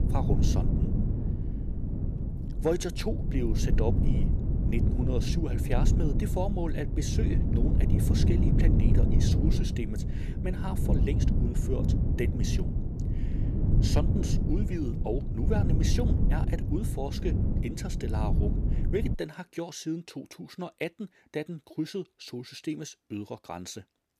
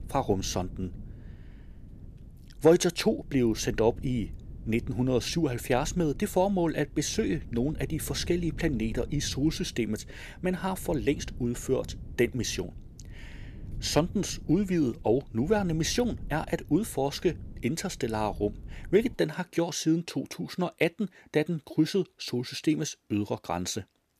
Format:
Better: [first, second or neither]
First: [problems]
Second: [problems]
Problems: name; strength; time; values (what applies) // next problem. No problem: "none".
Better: second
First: low rumble; loud; until 19 s; 2 dB below the speech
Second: low rumble; faint; until 19 s; 25 dB below the speech